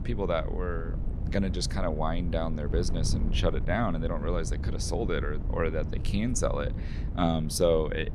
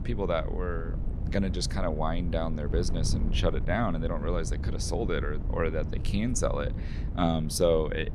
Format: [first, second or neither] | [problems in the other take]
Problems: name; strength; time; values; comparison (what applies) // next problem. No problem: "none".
neither | wind noise on the microphone; occasional gusts; 15 dB below the speech; the same in both